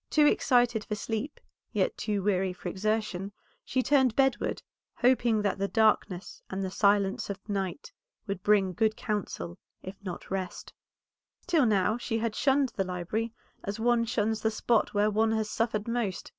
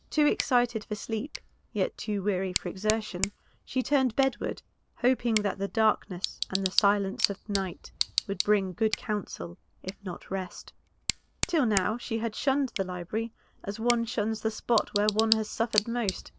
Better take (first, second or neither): first